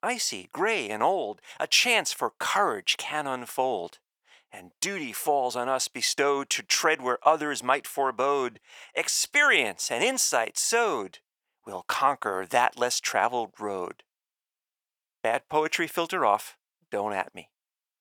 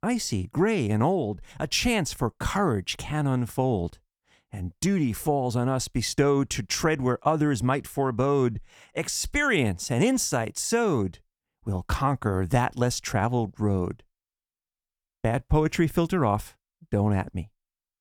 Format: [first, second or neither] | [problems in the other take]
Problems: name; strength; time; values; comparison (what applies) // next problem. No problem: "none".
second | thin; very; fading below 650 Hz